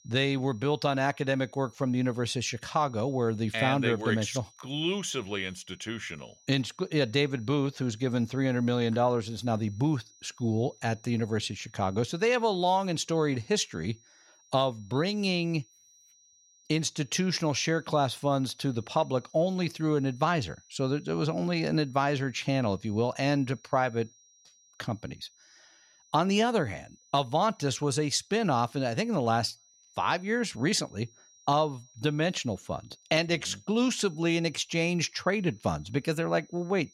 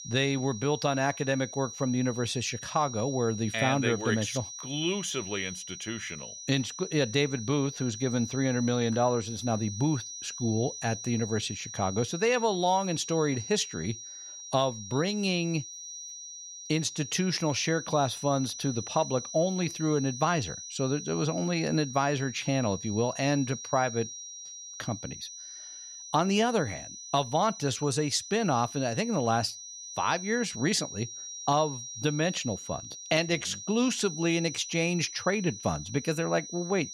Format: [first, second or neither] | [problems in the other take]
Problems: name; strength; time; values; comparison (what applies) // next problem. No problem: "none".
first | high-pitched whine; loud; throughout; 6 kHz, 10 dB below the speech; faint in the first